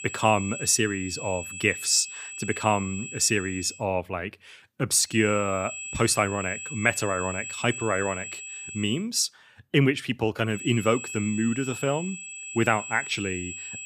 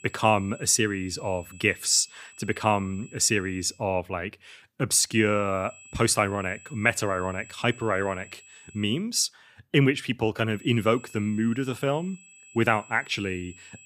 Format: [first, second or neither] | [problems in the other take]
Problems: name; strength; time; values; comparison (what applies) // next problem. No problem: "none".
second | high-pitched whine; loud; until 3.5 s, from 5 to 9 s and from 11 s on; 2.5 kHz, 9 dB below the speech; faint in the second